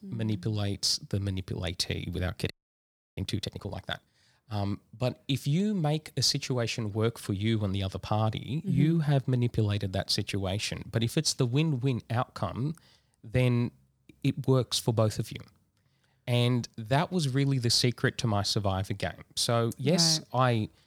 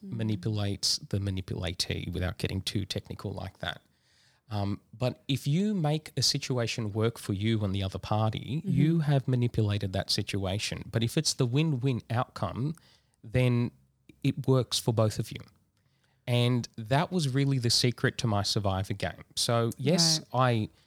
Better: second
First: audio freezing; at 2.5 s for 0.5 s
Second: none

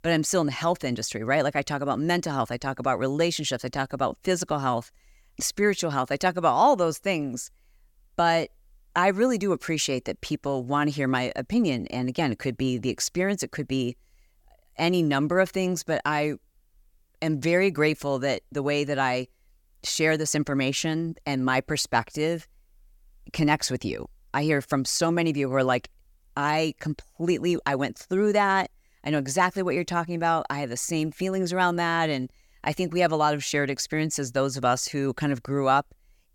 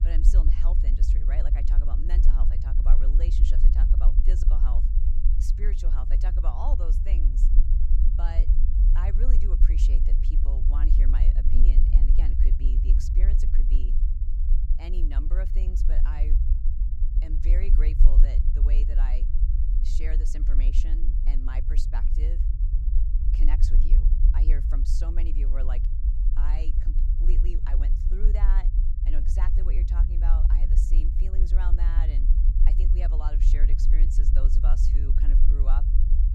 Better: first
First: none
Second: low rumble; loud; throughout; 2 dB below the speech

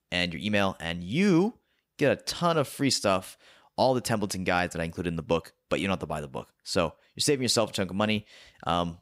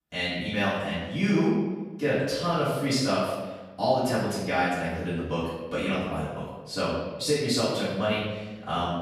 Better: first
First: none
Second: room echo; strong; dies away in 1.1 s // off-mic speech; far

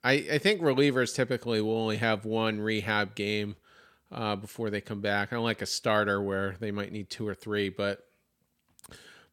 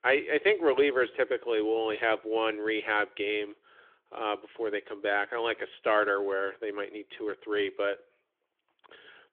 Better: first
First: none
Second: phone-call audio; nothing above 3.5 kHz

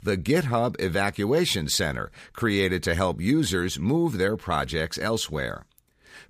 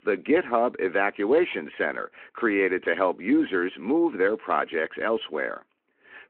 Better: first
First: none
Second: phone-call audio

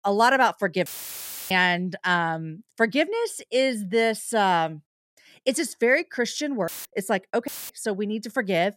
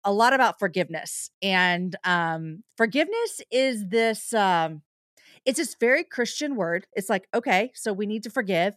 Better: second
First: audio cutting out; filled with static; at 1 s for 0.5 s, at 6.5 s and at 7.5 s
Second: none

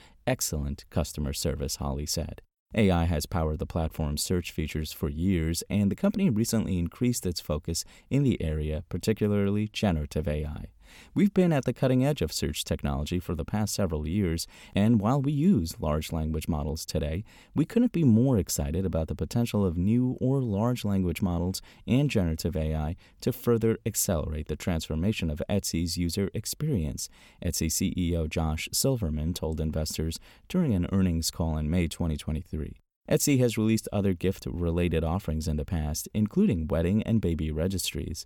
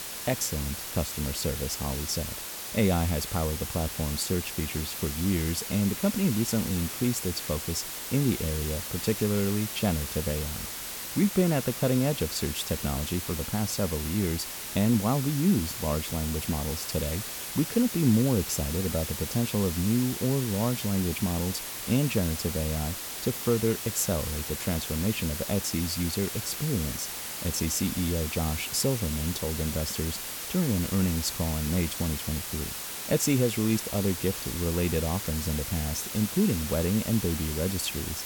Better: first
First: none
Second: hiss; loud; throughout; 5 dB below the speech

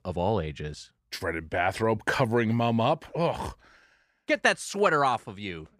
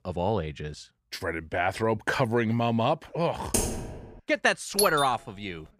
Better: first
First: none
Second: keyboard typing; noticeable; at 3.5 s; peak level with the speech // doorbell; noticeable; at 5 s; peak level with the speech

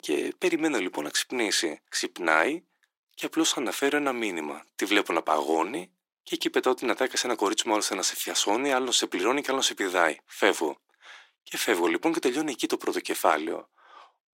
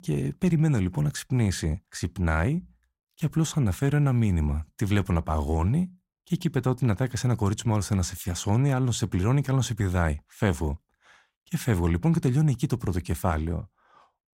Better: second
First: thin; very; fading below 300 Hz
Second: none

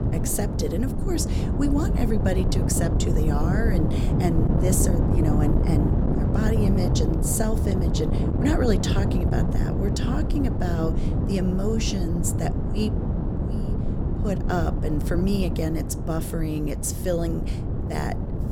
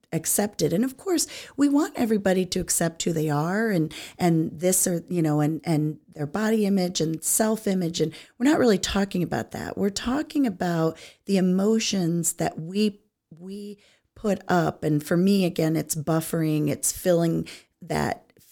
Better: second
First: wind noise on the microphone; heavy; 3 dB below the speech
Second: none

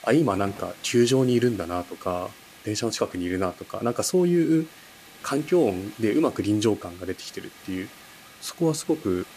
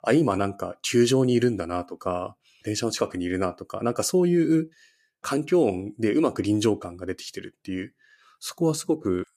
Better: second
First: hiss; faint; throughout; 20 dB below the speech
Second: none

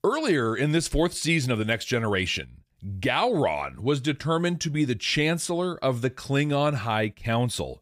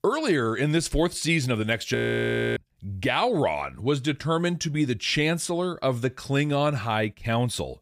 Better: first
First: none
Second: audio freezing; at 2 s for 0.5 s

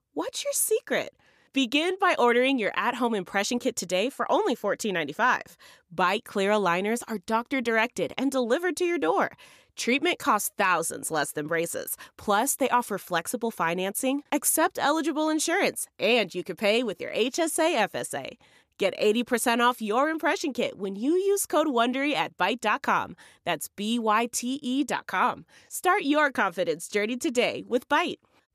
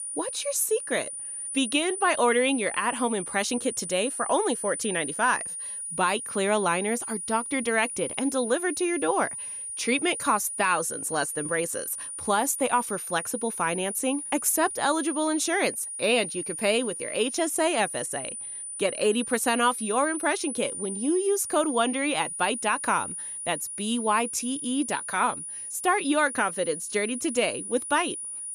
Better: first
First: none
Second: high-pitched whine; loud; throughout; 9.5 kHz, 6 dB below the speech

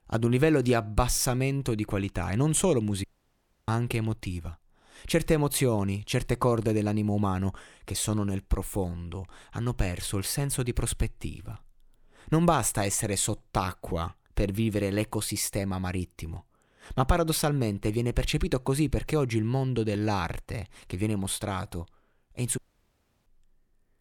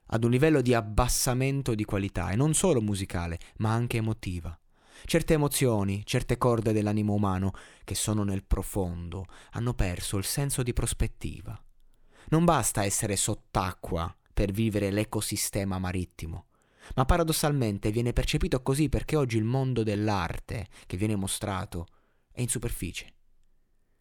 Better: second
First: audio cutting out; at 3 s for 0.5 s and at 23 s for 0.5 s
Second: none

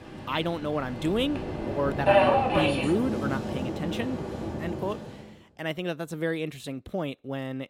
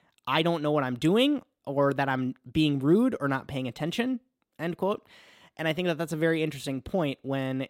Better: second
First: train or aircraft noise; very loud; until 5 s; 3 dB above the speech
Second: none

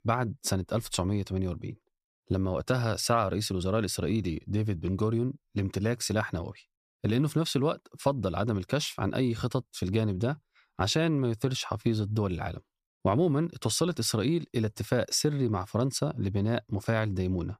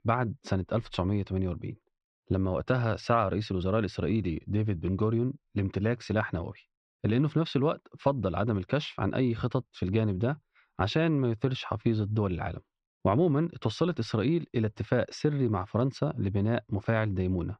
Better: first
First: none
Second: muffled; slightly; fading above 3.5 kHz

